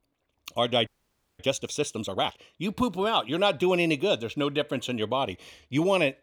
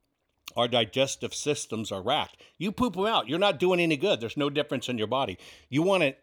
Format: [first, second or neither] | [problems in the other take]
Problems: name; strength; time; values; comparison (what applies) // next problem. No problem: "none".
second | audio freezing; at 1 s for 0.5 s